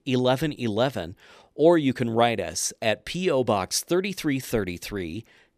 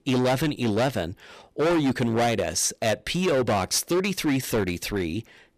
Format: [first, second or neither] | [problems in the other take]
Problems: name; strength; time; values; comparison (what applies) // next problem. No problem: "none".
first | distortion; heavy; 17% of the sound clipped